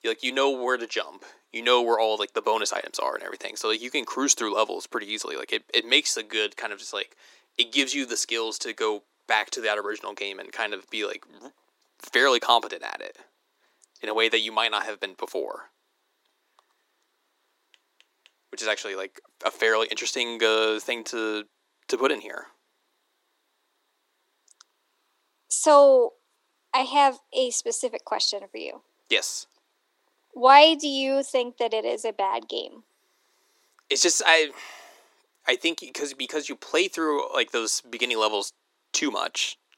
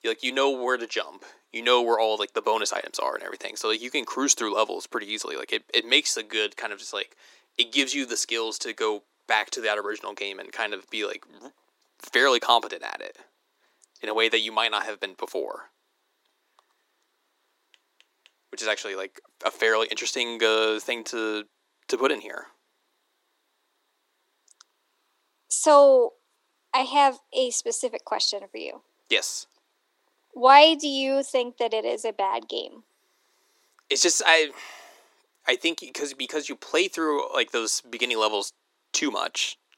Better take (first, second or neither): neither